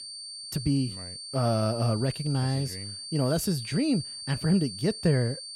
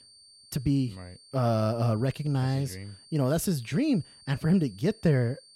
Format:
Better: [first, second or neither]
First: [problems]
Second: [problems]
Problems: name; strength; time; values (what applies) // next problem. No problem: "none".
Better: second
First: high-pitched whine; loud; throughout; 4.5 kHz, 9 dB below the speech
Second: high-pitched whine; faint; throughout; 4.5 kHz, 25 dB below the speech